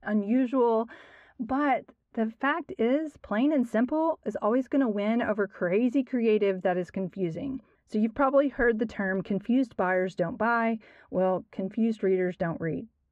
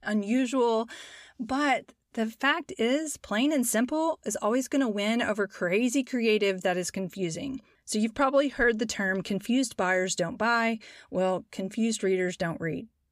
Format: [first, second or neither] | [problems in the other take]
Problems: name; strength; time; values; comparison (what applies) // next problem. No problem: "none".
second | muffled; very; fading above 3.5 kHz